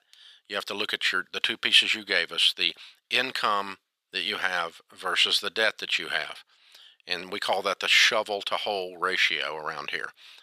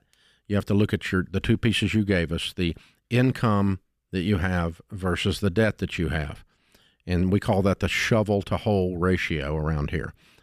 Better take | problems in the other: second | thin; very; fading below 850 Hz

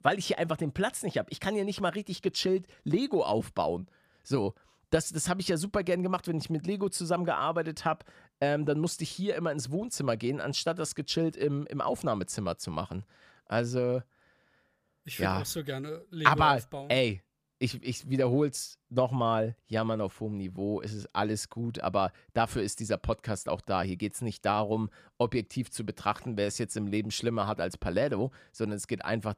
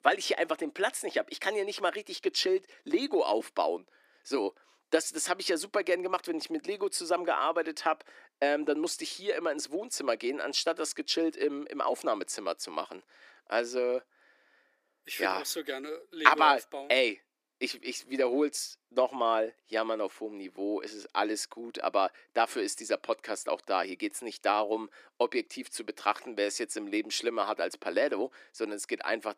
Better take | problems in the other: first | thin; somewhat; fading below 300 Hz

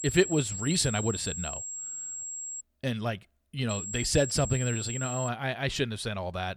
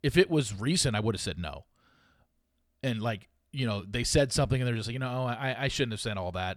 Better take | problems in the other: second | high-pitched whine; loud; until 2.5 s and from 3.5 to 5.5 s; 7.5 kHz, 5 dB below the speech

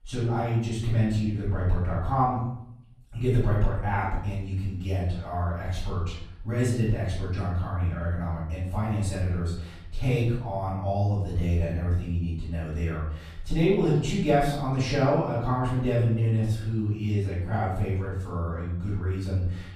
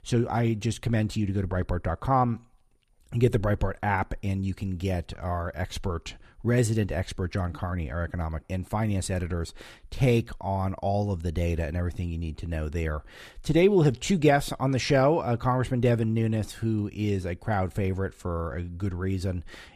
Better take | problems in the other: second | room echo; noticeable; dies away in 0.7 s // off-mic speech; far

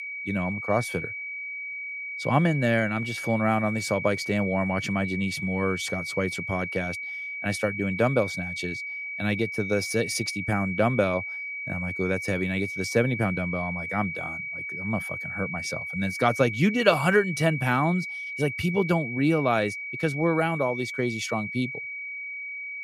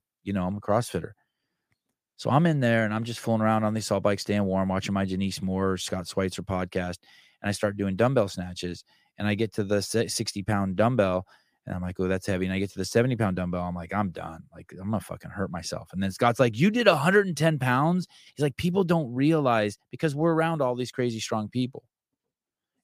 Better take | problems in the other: second | high-pitched whine; loud; throughout; 2.5 kHz, 5 dB below the speech

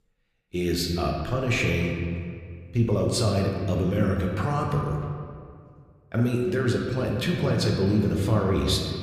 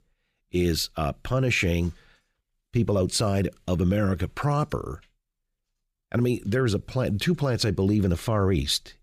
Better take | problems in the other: second | room echo; noticeable; dies away in 1.8 s // off-mic speech; somewhat distant

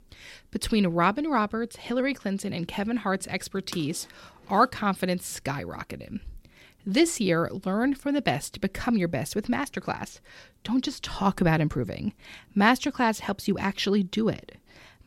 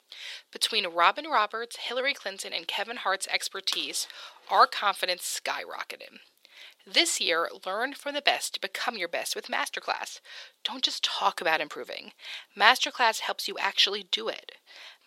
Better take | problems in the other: first | thin; very; fading below 550 Hz

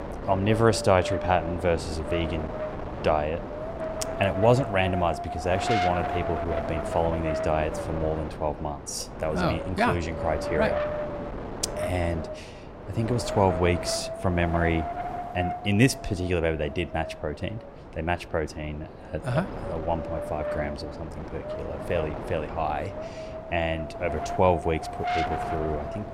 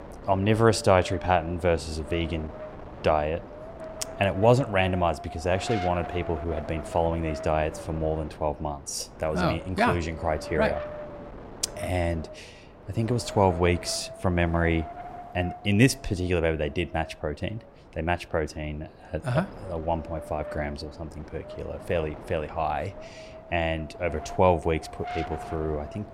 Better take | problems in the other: second | wind noise on the microphone; heavy; 4 dB below the speech; occasional gusts in the second

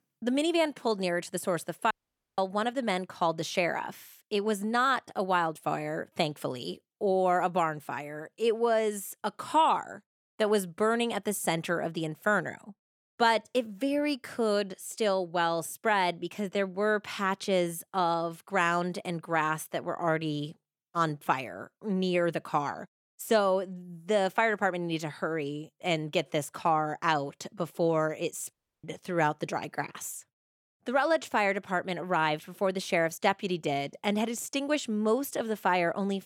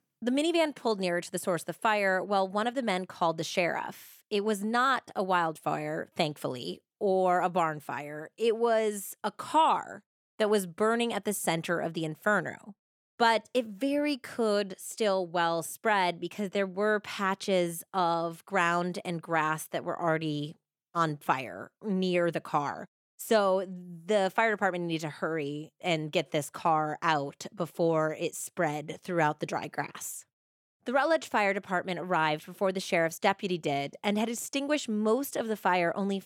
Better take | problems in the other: second | audio cutting out; at 2 s and at 29 s

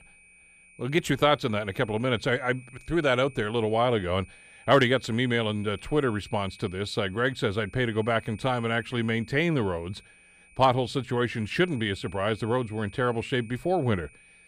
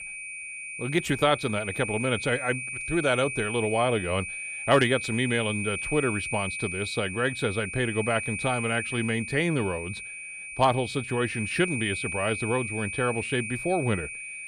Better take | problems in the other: first | high-pitched whine; loud; throughout; 2.5 kHz, 5 dB below the speech; faint in the first

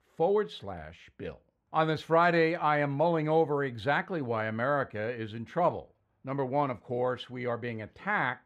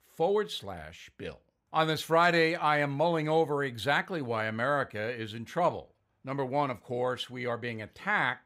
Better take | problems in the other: second | muffled; slightly; fading above 1.5 kHz

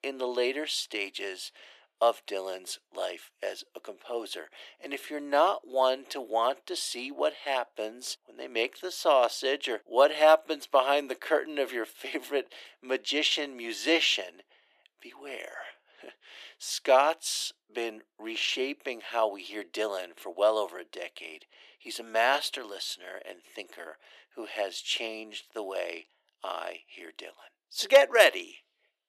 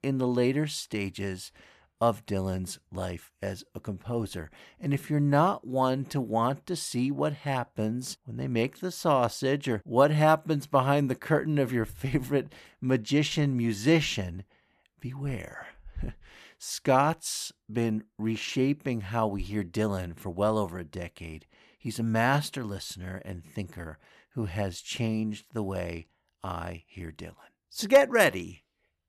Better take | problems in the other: second | thin; very; fading below 350 Hz

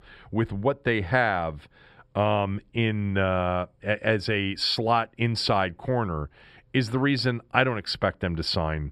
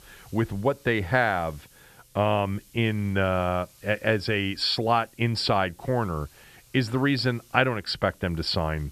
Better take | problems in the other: first | hiss; faint; throughout; 30 dB below the speech

